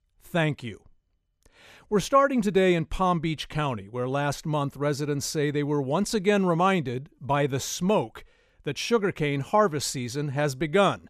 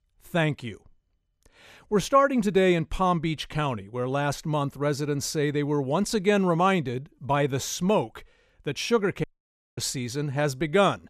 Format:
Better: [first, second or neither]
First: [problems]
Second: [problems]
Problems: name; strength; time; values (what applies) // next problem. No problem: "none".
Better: first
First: none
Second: audio cutting out; at 9 s for 0.5 s